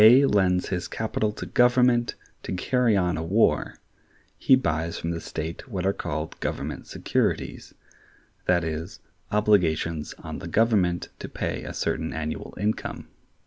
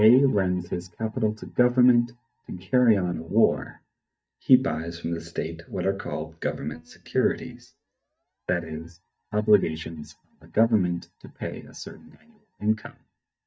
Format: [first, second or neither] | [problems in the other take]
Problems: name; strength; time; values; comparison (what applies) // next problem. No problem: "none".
first | noise reduction (neural mask model DeepFilterNet 3)